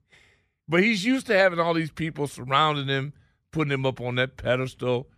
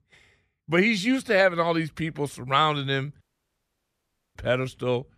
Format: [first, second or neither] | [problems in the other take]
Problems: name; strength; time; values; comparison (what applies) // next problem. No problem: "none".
first | audio cutting out; at 3 s for 1 s